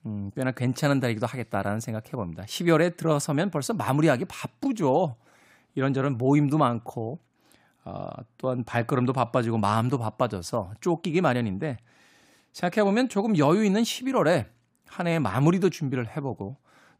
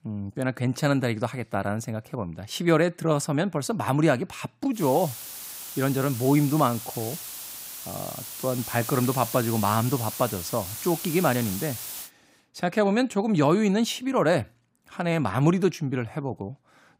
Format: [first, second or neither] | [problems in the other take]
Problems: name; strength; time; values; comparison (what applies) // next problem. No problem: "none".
first | hiss; loud; from 5 to 12 s; 9 dB below the speech